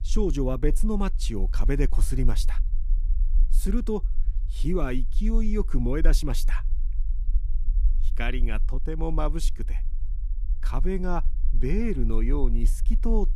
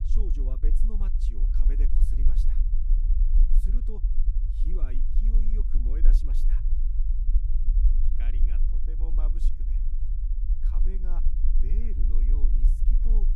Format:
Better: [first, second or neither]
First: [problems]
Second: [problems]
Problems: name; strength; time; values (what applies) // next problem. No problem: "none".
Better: first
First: low rumble; faint; throughout; 20 dB below the speech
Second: low rumble; loud; throughout; 1 dB below the speech